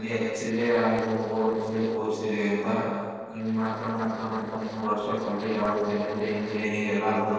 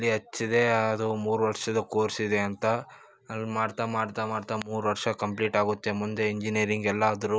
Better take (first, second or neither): second